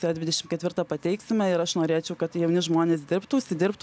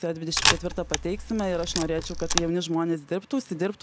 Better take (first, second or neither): first